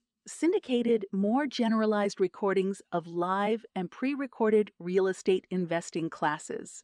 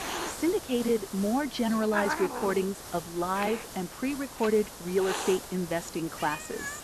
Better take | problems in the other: first | hiss; loud; throughout; 7 dB below the speech

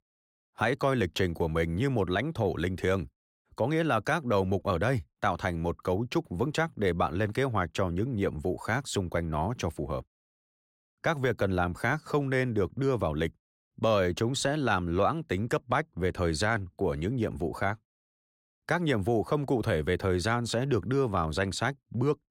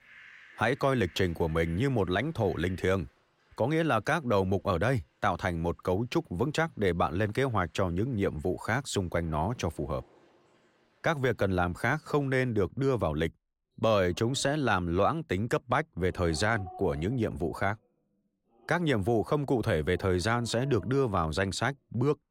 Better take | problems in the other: first | animal sounds; faint; throughout; 25 dB below the speech

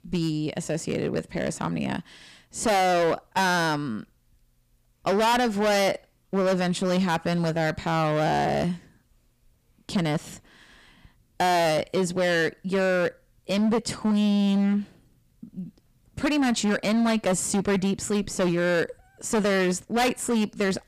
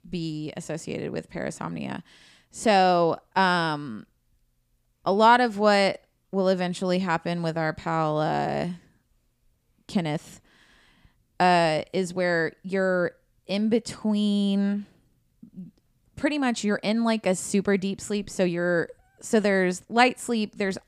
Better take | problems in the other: second | distortion; heavy; 15% of the sound clipped

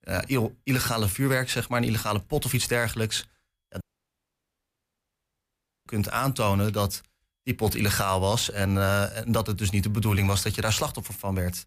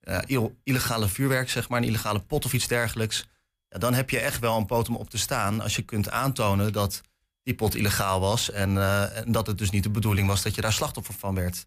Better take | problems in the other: second | audio cutting out; at 4 s for 2 s

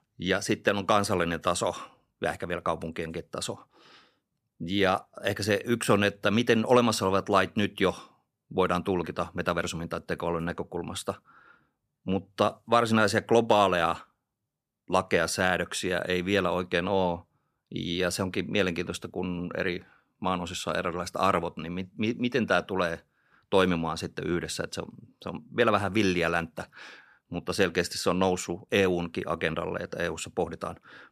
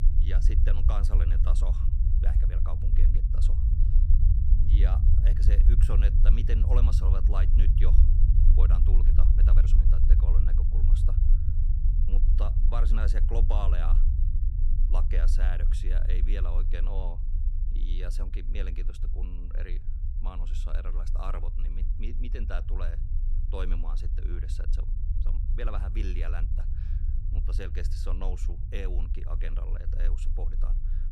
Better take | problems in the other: first | low rumble; loud; throughout; 4 dB below the speech

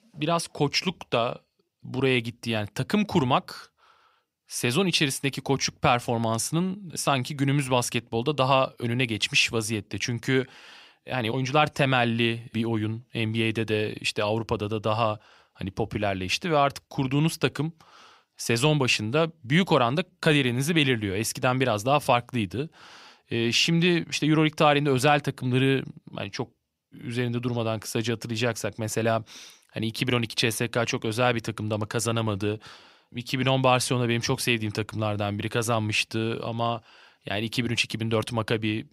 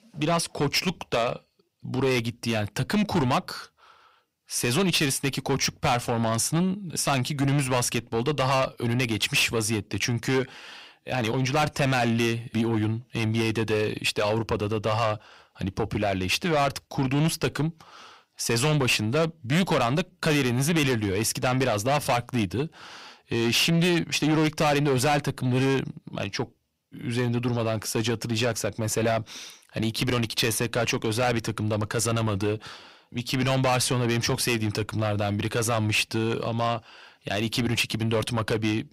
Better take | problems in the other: first | distortion; heavy; 7 dB below the speech

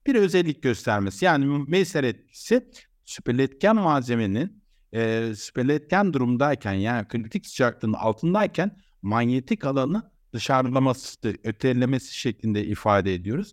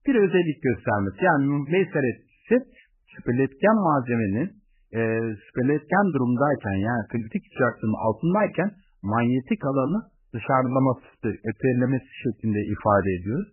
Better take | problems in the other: first | garbled, watery; badly; nothing above 3 kHz

